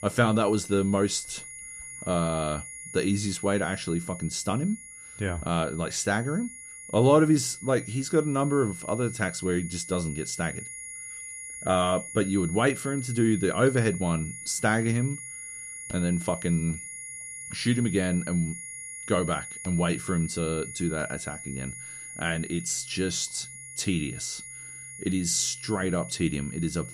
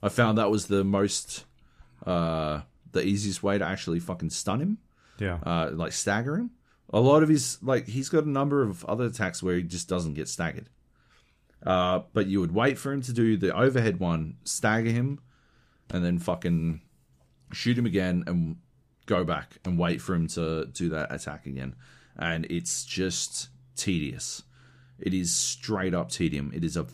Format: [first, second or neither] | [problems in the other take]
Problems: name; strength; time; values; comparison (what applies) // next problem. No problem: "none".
second | high-pitched whine; noticeable; throughout; 10.5 kHz, 10 dB below the speech